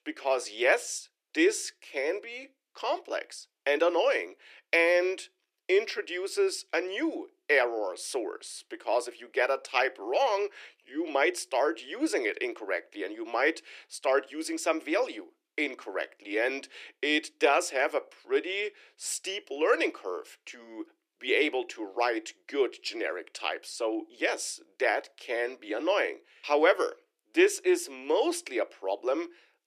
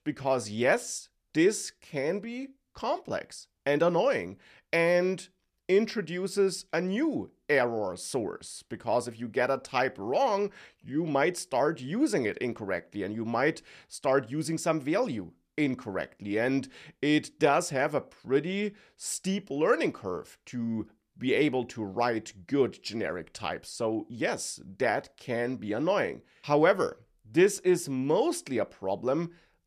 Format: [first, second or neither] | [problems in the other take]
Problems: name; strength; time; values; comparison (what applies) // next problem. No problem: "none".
second | thin; very; fading below 300 Hz